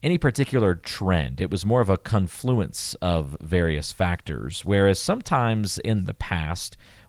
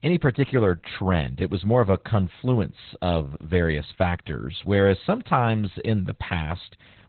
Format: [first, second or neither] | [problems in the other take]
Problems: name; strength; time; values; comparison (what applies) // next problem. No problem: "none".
first | garbled, watery; badly; nothing above 4 kHz; slightly in the first